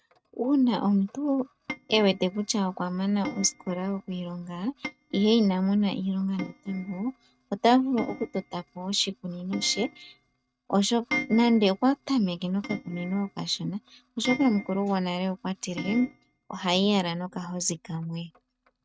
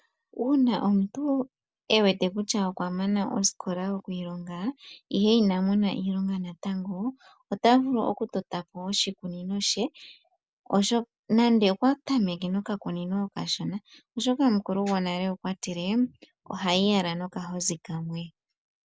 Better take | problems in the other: second | noise reduction (neural mask model RNNoise)

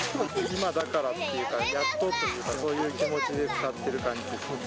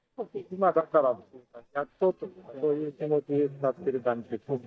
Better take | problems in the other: first | noise reduction (neural mask model DeepFilterNet 3)

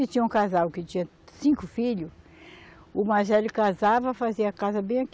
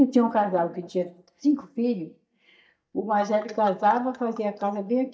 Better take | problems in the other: first | noise reduction (neural mask model DeepFilterNet 3)

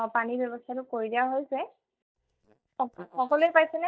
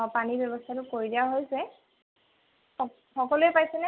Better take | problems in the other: second | noise reduction (neural mask model DeepFilterNet 3)

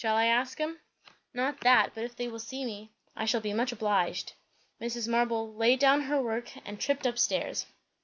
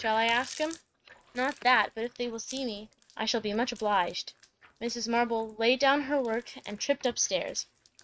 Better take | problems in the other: first | noise reduction (neural mask model RNNoise)

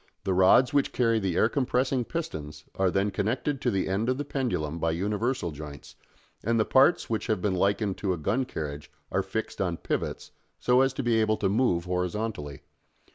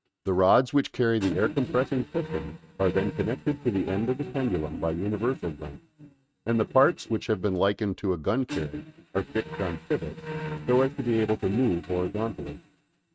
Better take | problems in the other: first | noise reduction (neural mask model RNNoise)

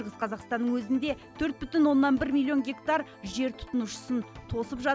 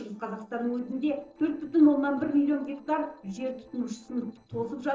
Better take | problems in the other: first | noise reduction (neural separator model SepFormer DNS4)

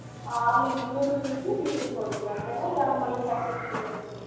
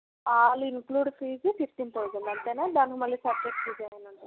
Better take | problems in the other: second | background sound (Burping, eructation); 11 dB below the speech // room echo; dies away in 1.2 s

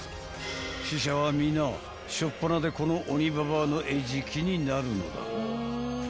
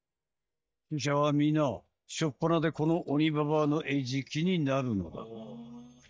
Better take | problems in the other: first | noise reduction (neural mask model DeepFilterNet 3)

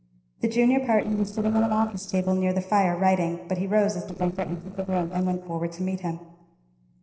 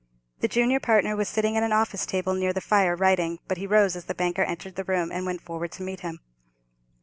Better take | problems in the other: second | noise reduction (neural separator model SepFormer DNS4)

